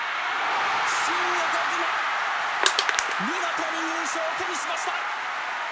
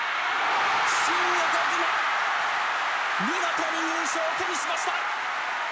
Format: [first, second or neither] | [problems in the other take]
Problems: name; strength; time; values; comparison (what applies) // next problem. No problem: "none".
second | background sound (Crushing); as loud as the speech